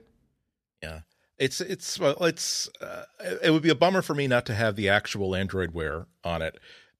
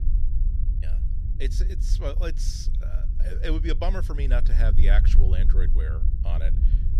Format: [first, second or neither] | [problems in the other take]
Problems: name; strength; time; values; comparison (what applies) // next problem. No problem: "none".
first | low rumble; loud; throughout; 10 dB below the speech